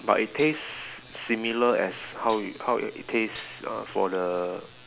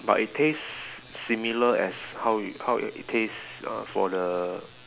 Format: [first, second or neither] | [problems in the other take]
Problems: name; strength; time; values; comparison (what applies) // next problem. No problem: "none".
second | background sound (Rattle (instrument)); 17 dB below the speech